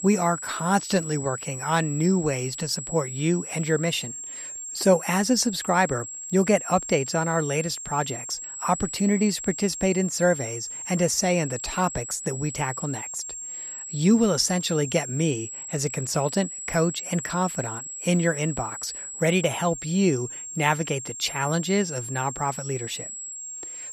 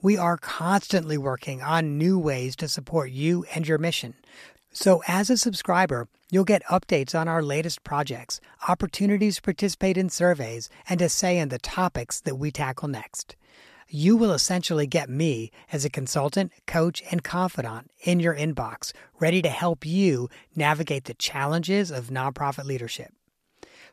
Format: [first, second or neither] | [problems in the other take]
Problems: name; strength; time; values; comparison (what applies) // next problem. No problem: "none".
second | high-pitched whine; loud; throughout; 7.5 kHz, 8 dB below the speech